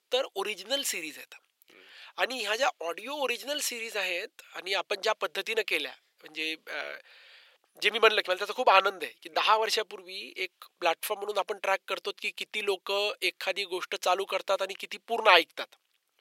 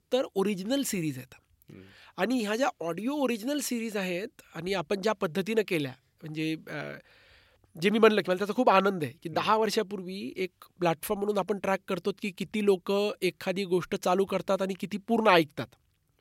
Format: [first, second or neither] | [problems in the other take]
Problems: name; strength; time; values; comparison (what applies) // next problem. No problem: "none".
second | thin; very; fading below 500 Hz